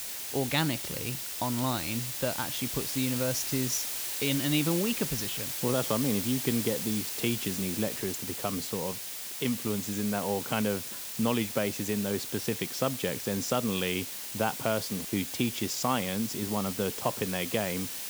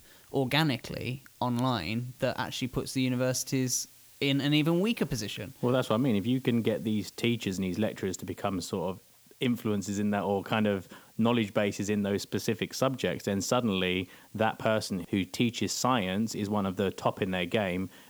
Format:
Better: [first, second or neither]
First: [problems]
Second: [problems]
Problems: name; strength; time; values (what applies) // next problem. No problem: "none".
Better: second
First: hiss; loud; throughout; 2 dB below the speech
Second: hiss; faint; throughout; 25 dB below the speech